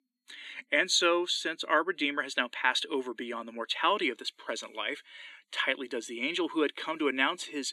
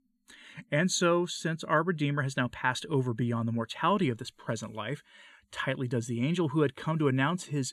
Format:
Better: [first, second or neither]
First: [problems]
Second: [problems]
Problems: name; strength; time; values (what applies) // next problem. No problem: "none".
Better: second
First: thin; somewhat; fading below 300 Hz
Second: none